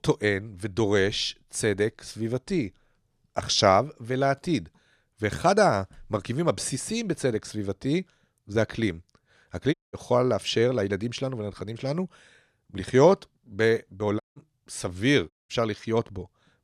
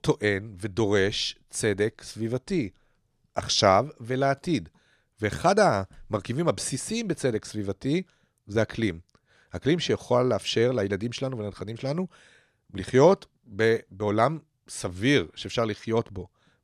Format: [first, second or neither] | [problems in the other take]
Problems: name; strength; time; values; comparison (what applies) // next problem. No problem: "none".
second | audio cutting out; at 9.5 s, at 14 s and at 15 s